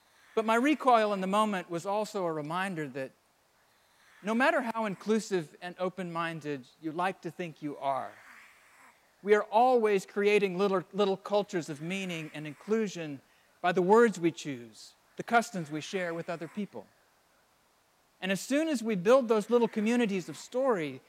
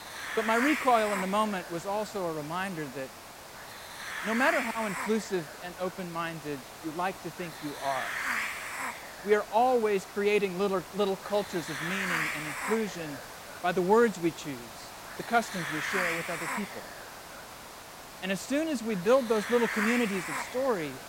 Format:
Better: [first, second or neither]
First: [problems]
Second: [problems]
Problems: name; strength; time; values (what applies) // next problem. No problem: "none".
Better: first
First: hiss; faint; throughout; 30 dB below the speech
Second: hiss; loud; throughout; 6 dB below the speech